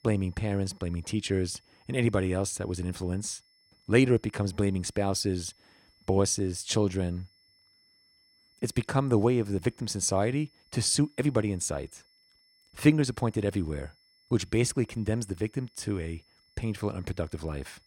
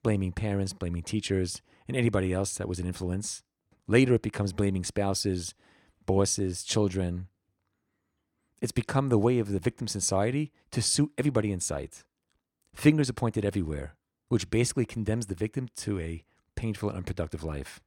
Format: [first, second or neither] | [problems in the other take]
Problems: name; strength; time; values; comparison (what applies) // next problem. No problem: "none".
second | high-pitched whine; faint; throughout; 5.5 kHz, 35 dB below the speech